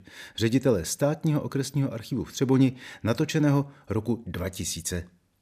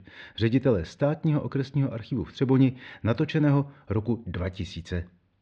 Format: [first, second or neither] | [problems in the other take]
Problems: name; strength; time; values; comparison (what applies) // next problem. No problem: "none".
first | muffled; slightly; fading above 3.5 kHz